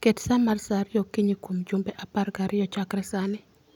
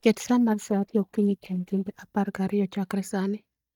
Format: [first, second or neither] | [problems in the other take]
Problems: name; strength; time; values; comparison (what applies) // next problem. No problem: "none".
first | noise reduction (neural mask model DeepFilterNet 3)